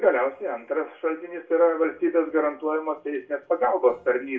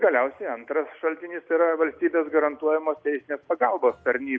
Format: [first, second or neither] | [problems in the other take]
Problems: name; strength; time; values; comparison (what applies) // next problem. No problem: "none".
second | room echo; dies away in 0.2 s